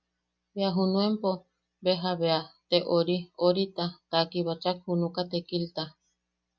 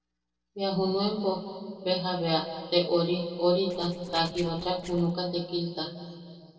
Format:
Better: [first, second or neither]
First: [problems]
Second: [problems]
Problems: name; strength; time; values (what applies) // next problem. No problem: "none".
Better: first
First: none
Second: noise reduction (neural separator model SepFormer DNS4)